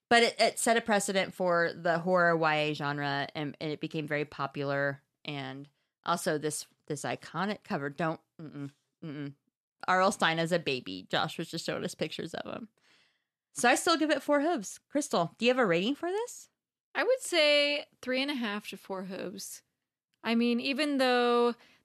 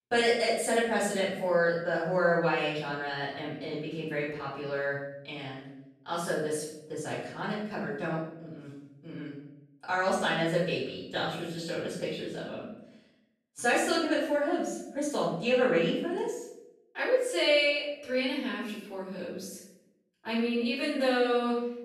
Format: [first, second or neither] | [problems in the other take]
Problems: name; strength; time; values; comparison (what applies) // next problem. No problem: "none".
first | off-mic speech; far // room echo; noticeable; dies away in 0.7 s